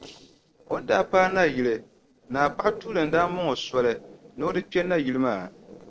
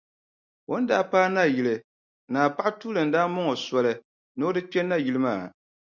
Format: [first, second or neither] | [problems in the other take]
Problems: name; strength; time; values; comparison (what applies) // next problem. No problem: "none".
second | noise reduction (neural separator model SepFormer DNS4)